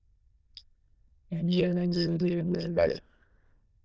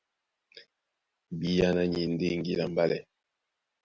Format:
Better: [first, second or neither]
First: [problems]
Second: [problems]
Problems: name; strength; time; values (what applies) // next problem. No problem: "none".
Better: second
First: noise reduction (neural diffusion model UNIVERSE++)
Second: none